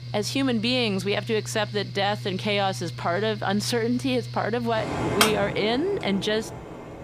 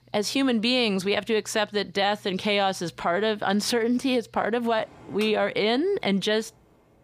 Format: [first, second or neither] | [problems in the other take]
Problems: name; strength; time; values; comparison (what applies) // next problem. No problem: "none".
second | machinery noise; loud; throughout; 6 dB below the speech; faint in the second